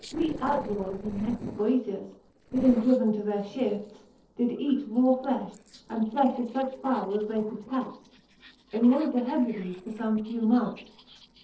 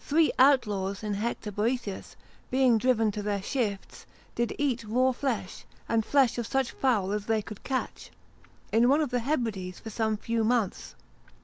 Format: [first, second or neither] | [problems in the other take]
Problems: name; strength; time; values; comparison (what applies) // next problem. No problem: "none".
second | noise reduction (neural separator model SepFormer DNS4)